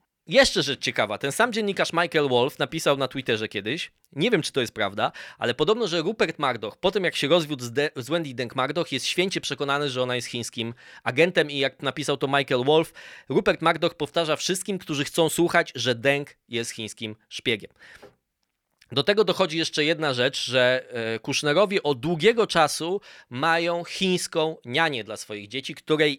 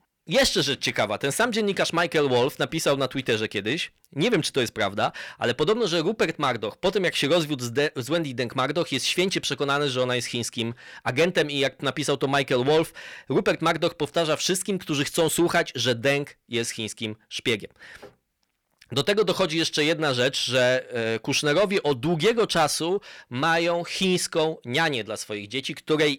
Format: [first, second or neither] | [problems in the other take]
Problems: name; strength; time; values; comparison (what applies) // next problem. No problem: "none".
first | distortion; slight; 10 dB below the speech